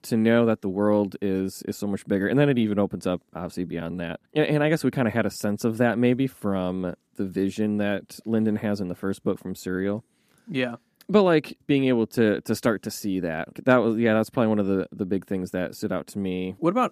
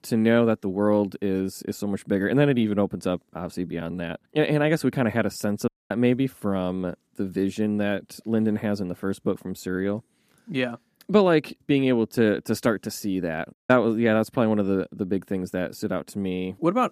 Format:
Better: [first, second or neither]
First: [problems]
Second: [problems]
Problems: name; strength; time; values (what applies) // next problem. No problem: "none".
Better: first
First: none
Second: audio cutting out; at 5.5 s and at 14 s